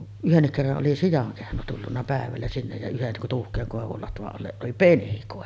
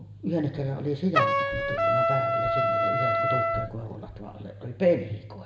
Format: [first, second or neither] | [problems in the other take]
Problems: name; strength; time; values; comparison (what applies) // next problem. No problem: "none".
first | background sound (Trumpet); 2 dB above the speech // room echo; dies away in 0.8 s